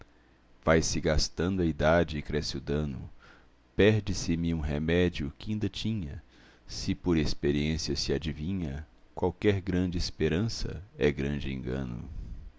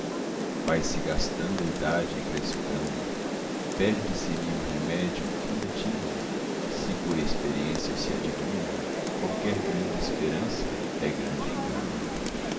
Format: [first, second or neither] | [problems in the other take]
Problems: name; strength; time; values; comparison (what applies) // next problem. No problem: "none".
first | background sound (Rain); 1 dB above the speech // room echo; dies away in 0.5 s